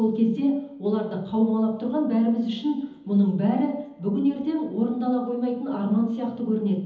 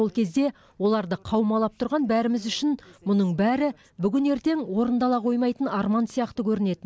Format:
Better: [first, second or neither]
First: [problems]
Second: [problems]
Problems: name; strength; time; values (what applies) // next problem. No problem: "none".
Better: second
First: room echo; dies away in 1.3 s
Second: none